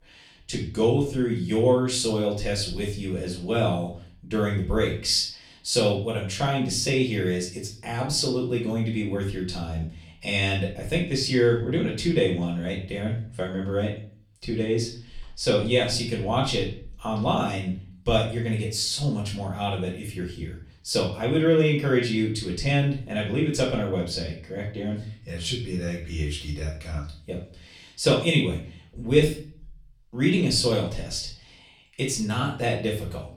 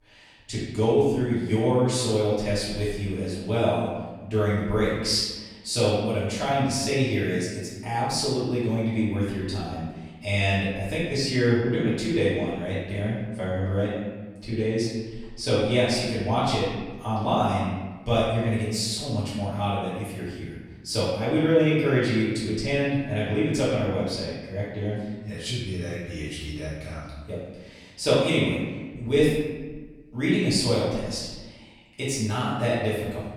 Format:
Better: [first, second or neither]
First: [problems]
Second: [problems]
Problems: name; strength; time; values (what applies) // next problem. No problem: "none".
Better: first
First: room echo; slight; dies away in 0.4 s // off-mic speech; far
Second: room echo; strong; dies away in 1.2 s // off-mic speech; far